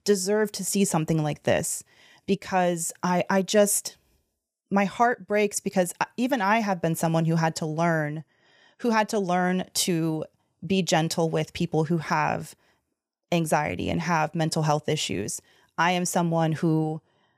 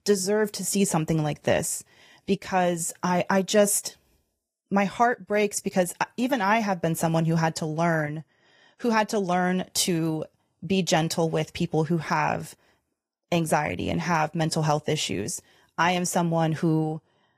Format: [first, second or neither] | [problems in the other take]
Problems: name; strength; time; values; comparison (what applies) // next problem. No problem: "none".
first | garbled, watery; slightly; nothing above 15 kHz